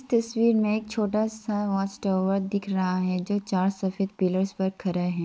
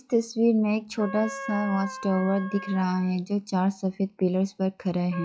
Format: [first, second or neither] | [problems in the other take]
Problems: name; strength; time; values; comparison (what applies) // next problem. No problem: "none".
first | noise reduction (classical method log-MMSE)